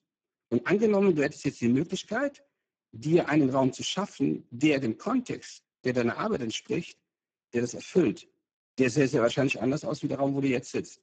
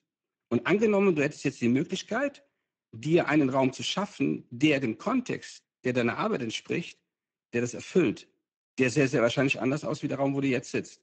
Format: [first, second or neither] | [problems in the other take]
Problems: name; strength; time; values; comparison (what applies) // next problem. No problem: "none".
second | garbled, watery; badly; nothing above 7.5 kHz; slightly in the second